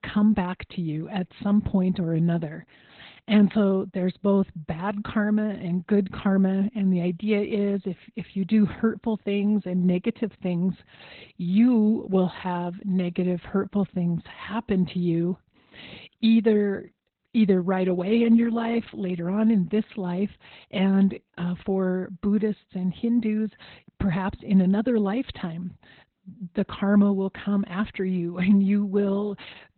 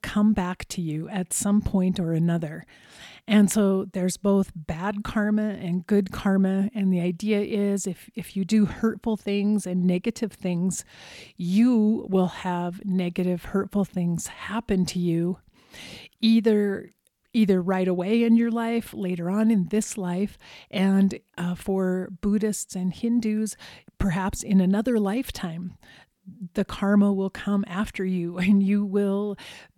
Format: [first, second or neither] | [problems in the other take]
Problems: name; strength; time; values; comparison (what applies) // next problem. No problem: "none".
second | garbled, watery; badly; nothing above 4 kHz